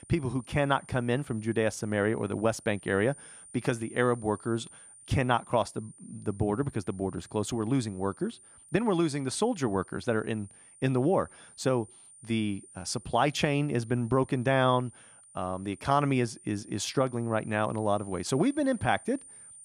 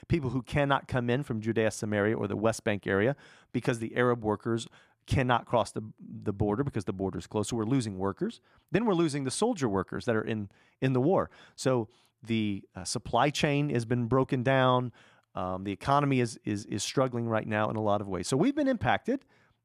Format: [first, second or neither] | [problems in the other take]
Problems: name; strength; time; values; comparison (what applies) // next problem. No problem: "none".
second | high-pitched whine; faint; throughout; 9 kHz, 20 dB below the speech